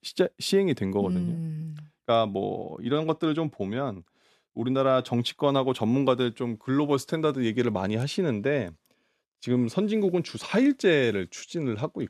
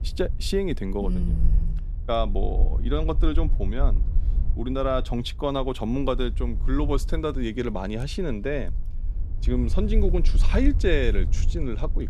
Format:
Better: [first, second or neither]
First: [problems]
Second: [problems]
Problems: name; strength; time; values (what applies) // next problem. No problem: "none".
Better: first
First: none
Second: wind noise on the microphone; occasional gusts; 20 dB below the speech